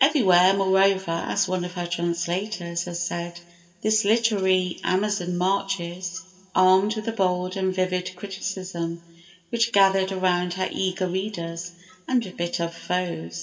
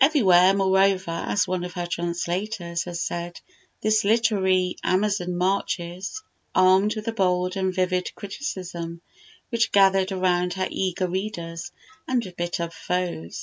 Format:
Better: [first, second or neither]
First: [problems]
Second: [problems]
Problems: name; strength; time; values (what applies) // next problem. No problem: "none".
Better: second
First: room echo; dies away in 2.4 s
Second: none